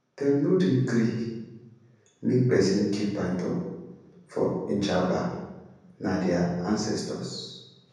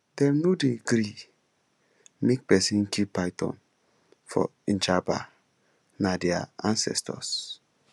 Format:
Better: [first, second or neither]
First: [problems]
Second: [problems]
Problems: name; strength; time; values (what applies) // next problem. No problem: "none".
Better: second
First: room echo; dies away in 1.1 s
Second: none